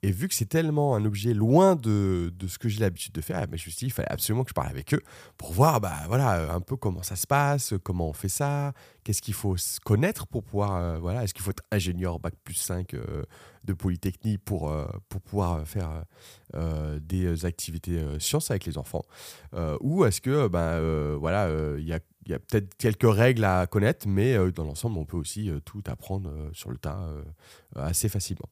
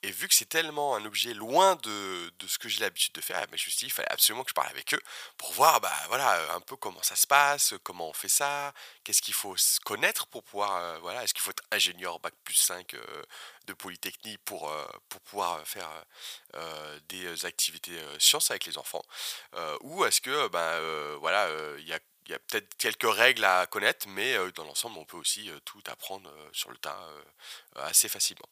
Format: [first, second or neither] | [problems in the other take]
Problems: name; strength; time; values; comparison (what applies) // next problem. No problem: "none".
first | thin; very; fading below 950 Hz